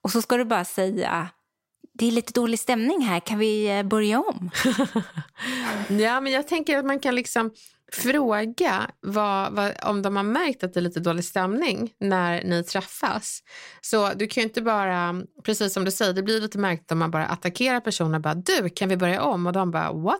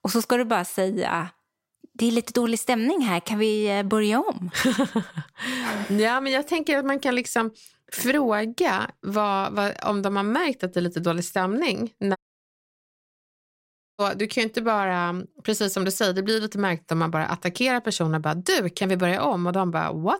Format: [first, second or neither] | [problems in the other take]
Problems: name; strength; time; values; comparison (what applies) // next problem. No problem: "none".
first | audio cutting out; at 12 s for 2 s